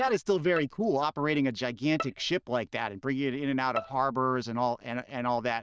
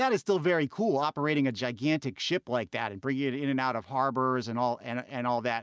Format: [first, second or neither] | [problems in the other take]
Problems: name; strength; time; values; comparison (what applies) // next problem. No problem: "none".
second | noise reduction (neural diffusion model UNIVERSE++)